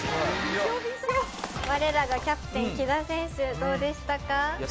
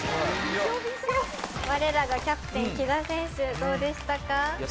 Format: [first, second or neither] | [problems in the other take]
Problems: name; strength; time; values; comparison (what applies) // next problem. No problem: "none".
first | background sound (Applause / Cheering); 16 dB below the speech